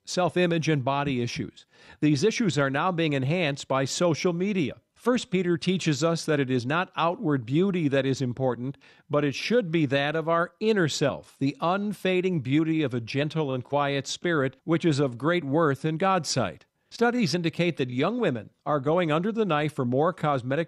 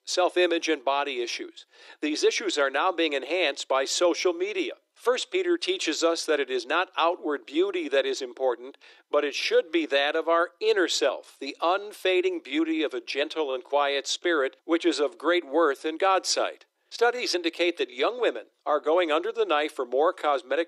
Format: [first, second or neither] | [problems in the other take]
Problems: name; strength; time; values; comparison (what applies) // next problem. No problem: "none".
first | thin; very; fading below 350 Hz